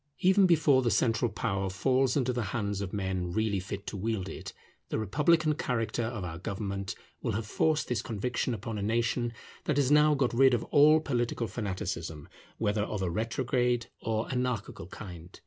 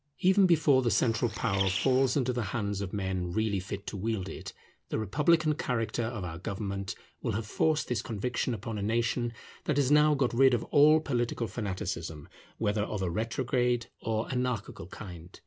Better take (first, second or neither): first